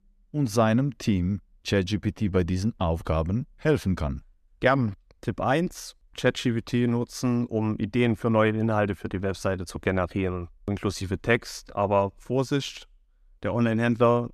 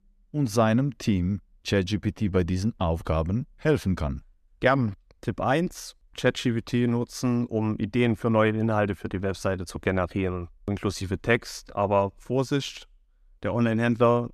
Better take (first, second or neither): neither